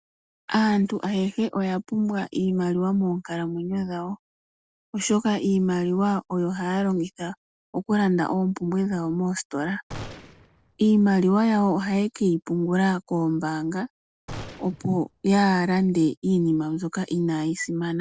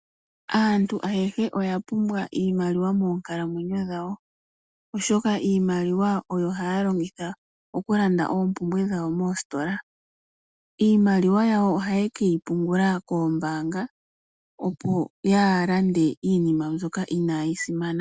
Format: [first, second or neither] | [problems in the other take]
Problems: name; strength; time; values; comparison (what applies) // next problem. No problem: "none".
second | noise reduction (neural separator model SepFormer DNS4)